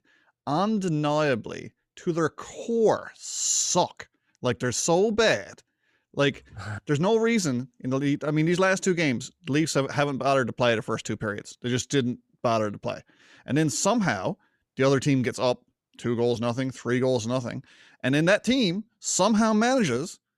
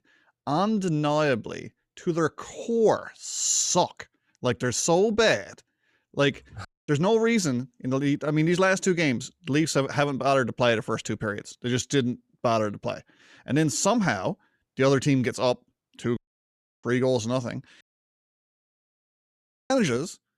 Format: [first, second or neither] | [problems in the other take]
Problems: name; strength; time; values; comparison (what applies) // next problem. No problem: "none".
first | audio cutting out; at 6.5 s, at 16 s for 0.5 s and at 18 s for 2 s